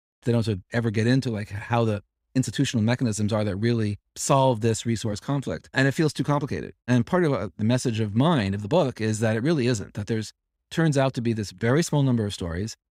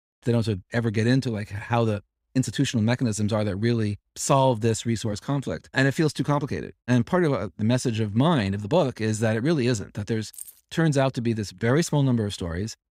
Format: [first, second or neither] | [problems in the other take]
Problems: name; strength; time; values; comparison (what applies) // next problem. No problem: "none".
first | jangling keys; faint; at 10 s; peak 15 dB below the speech